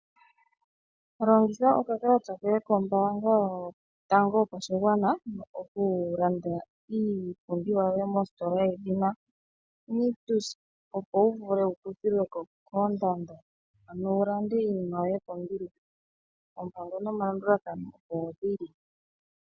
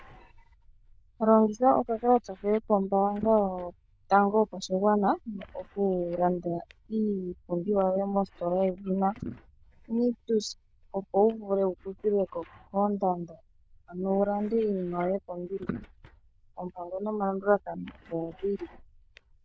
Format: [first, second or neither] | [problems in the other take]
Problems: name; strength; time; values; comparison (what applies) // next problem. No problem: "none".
first | noise reduction (neural diffusion model UNIVERSE++)